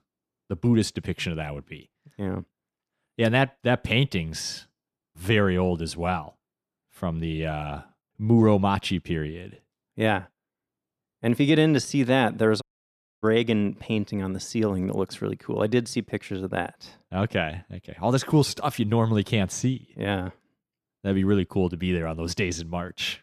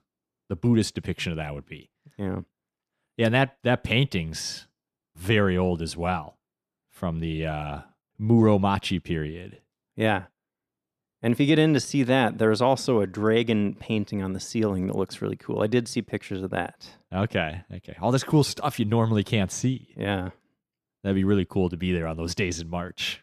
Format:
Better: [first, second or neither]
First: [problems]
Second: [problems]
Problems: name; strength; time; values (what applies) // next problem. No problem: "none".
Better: second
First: audio cutting out; at 13 s for 0.5 s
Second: none